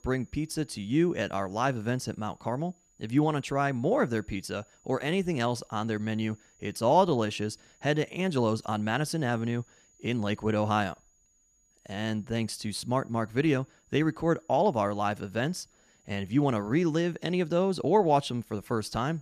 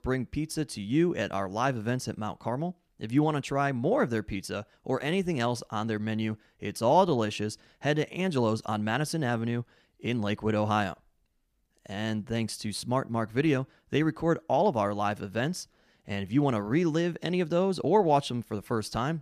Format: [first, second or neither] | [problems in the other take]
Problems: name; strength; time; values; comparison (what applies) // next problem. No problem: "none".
second | high-pitched whine; faint; throughout; 7 kHz, 35 dB below the speech